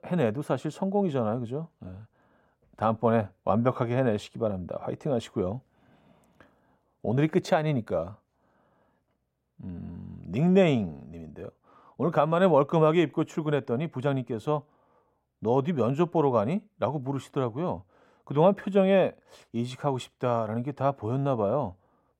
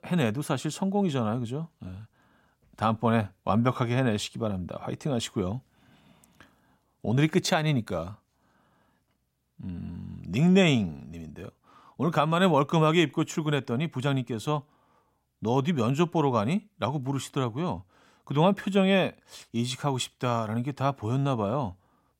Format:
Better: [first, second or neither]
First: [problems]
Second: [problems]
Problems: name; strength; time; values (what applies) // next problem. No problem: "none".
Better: second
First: muffled; slightly; fading above 2.5 kHz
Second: none